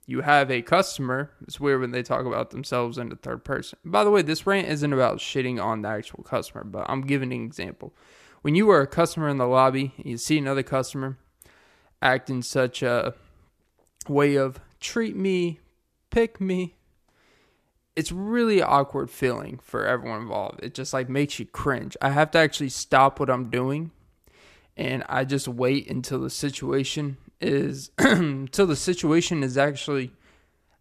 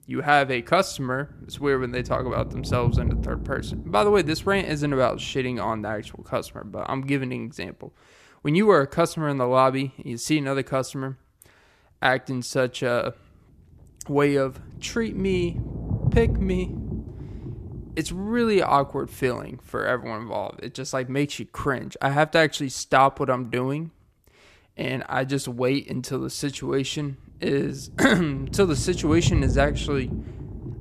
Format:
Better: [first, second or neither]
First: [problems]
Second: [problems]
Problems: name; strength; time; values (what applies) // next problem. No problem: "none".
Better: first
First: none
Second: low rumble; noticeable; throughout; 15 dB below the speech